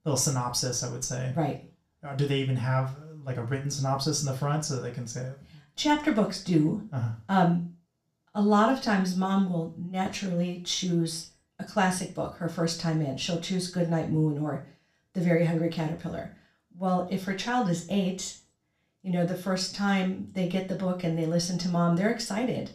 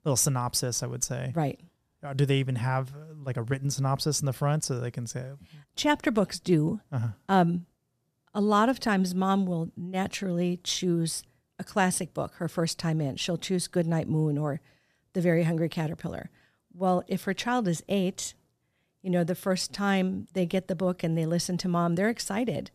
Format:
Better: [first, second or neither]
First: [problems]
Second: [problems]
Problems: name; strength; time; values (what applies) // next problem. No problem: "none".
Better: second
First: room echo; slight; dies away in 0.3 s // off-mic speech; far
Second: none